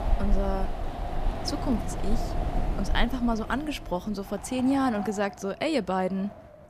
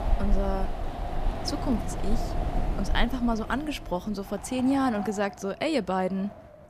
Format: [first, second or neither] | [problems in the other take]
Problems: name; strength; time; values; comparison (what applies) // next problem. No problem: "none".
neither | wind in the background; loud; throughout; 5 dB below the speech; the same in both